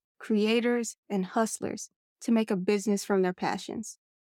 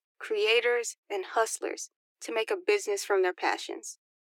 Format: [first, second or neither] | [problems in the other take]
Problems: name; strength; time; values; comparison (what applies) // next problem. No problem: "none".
first | thin; very; fading below 300 Hz